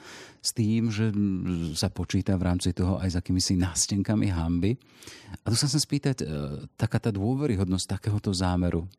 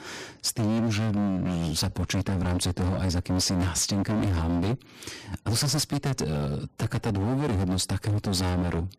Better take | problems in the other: first | distortion; heavy; 31% of the sound clipped

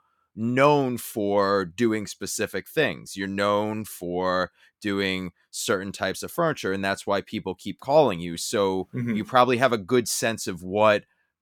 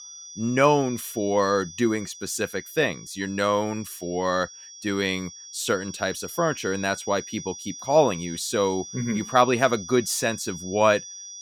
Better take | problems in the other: first | high-pitched whine; noticeable; throughout; 5.5 kHz, 15 dB below the speech

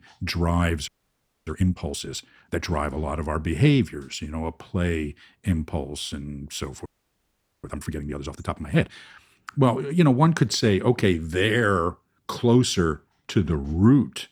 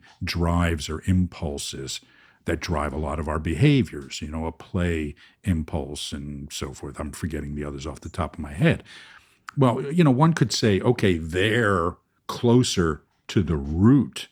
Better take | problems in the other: second | audio freezing; at 1 s for 0.5 s and at 7 s for 1 s

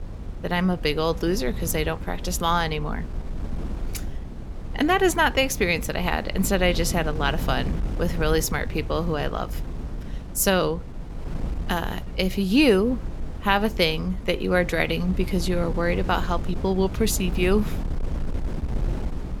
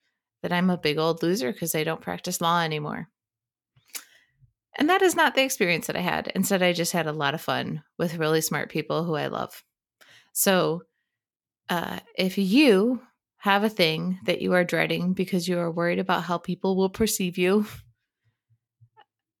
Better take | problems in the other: second | wind noise on the microphone; occasional gusts; 15 dB below the speech

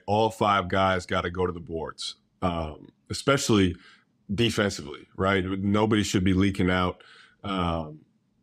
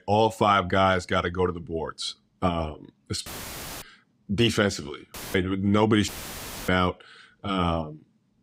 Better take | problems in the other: first | audio cutting out; filled with static; at 3.5 s for 0.5 s, at 5 s and at 6 s for 0.5 s

